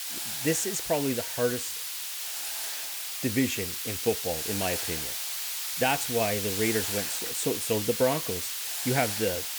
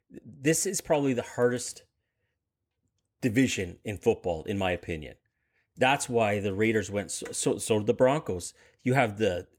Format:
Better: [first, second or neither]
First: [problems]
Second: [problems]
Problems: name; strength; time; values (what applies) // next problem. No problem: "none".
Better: second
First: hiss; loud; throughout; 1 dB below the speech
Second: none